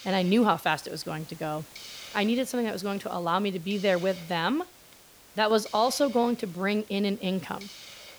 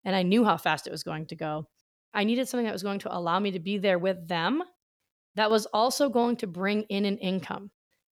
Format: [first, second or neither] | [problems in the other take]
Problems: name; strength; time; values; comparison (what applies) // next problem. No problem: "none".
second | hiss; noticeable; throughout; 20 dB below the speech